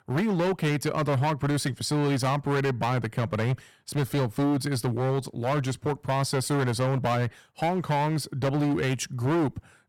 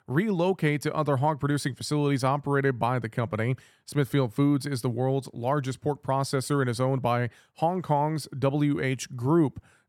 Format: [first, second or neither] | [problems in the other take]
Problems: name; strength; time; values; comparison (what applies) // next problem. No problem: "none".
second | distortion; heavy; 19% of the sound clipped